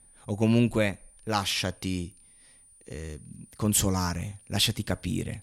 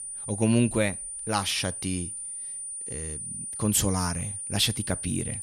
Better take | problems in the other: first | high-pitched whine; loud; throughout; 9.5 kHz, 6 dB below the speech; faint in the first

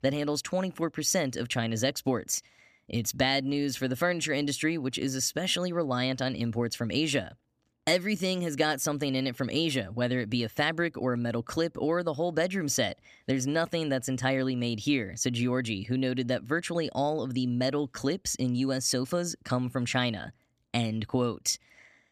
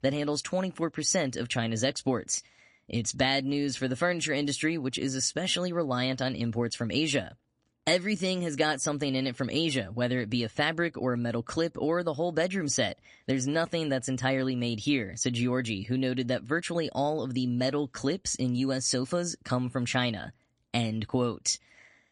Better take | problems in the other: first | garbled, watery; slightly; nothing above 10 kHz

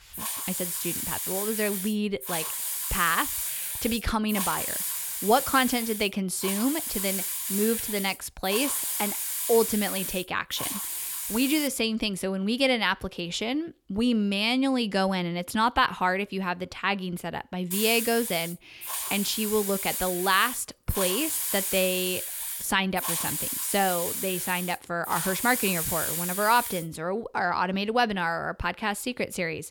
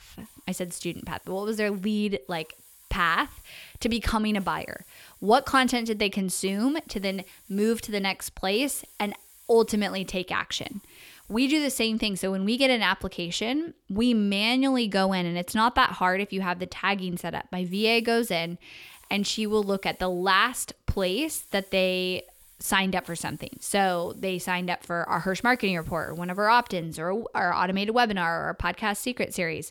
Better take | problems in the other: second | hiss; loud; until 12 s and from 18 to 27 s; 2 dB below the speech; faint in the second

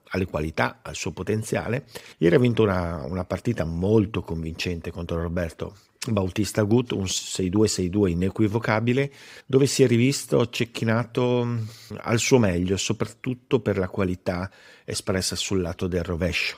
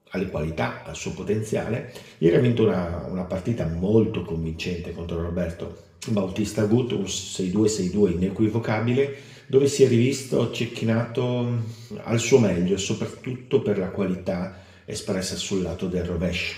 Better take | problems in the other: first | room echo; slight; dies away in 0.7 s

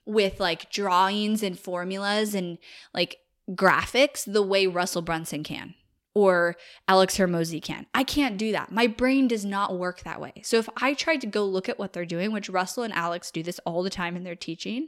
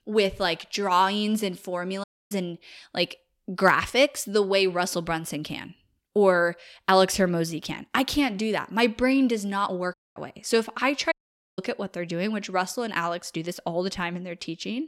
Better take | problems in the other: first | audio cutting out; at 2 s, at 10 s and at 11 s

